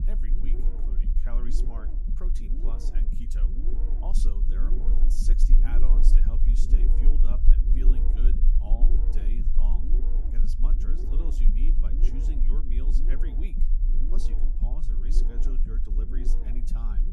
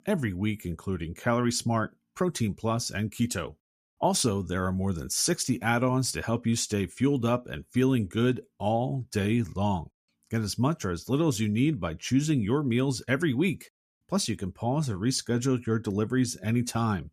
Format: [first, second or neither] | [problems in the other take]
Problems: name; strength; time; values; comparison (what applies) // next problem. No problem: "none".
second | low rumble; loud; throughout; 1 dB below the speech